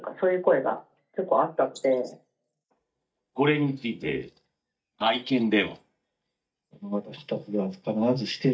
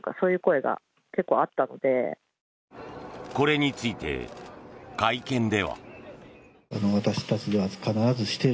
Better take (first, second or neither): second